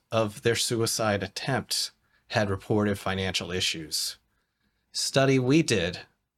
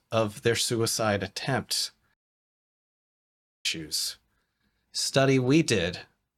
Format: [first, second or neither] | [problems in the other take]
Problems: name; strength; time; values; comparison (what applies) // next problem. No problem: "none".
first | audio cutting out; at 2 s for 1.5 s